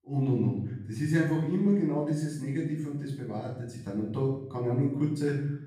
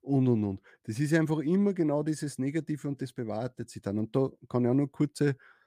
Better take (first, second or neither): second